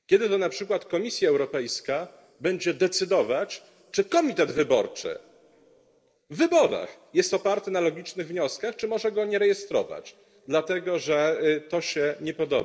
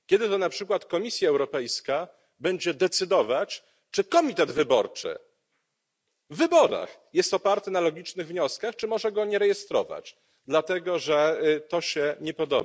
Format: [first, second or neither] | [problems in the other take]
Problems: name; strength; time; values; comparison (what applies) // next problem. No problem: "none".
second | room echo; dies away in 1.3 s